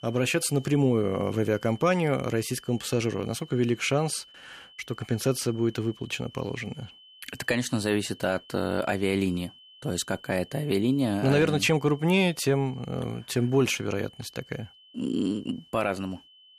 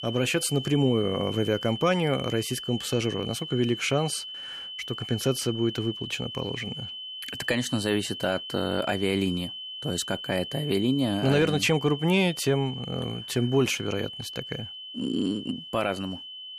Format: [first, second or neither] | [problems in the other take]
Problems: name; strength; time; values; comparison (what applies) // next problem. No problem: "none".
first | high-pitched whine; loud; throughout; 3 kHz, 9 dB below the speech; faint in the first